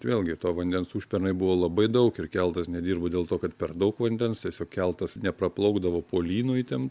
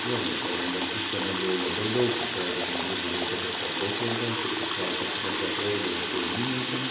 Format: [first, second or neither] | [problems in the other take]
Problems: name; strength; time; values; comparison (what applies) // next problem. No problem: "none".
first | background sound (Water tap, faucet); 1 dB above the speech // room echo; dies away in 1.1 s